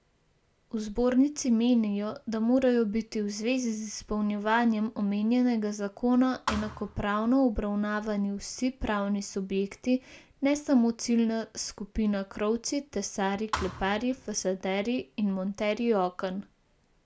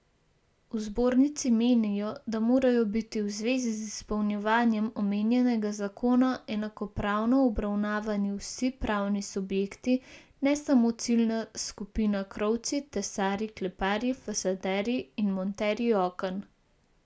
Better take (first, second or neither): second